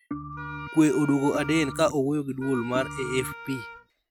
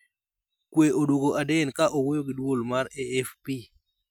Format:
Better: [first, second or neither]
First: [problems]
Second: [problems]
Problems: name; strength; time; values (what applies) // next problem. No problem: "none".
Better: second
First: background sound (Wind instrument, woodwind instrument + Organ); 11 dB below the speech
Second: none